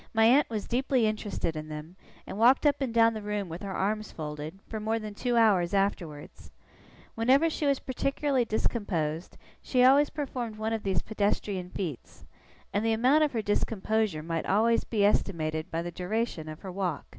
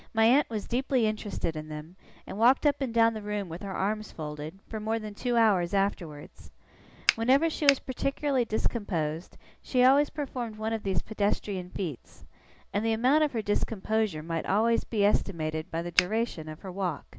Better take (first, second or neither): first